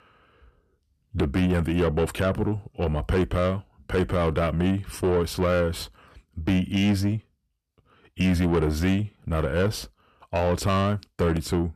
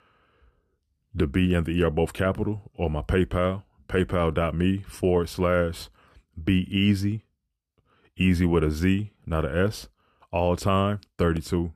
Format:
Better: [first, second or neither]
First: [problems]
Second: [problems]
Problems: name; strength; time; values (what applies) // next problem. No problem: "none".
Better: second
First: distortion; slight; 10 dB below the speech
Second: none